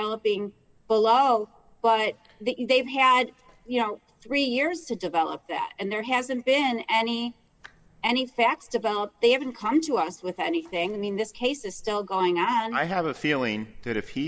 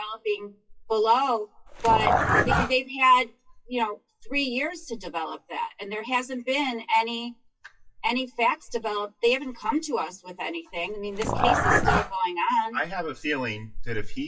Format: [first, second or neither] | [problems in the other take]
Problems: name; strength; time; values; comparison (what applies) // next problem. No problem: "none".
first | noise reduction (classical method WPE with log-MMSE)